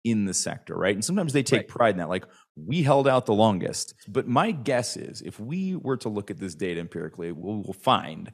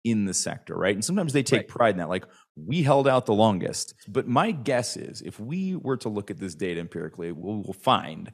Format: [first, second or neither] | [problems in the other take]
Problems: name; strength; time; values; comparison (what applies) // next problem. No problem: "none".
neither | none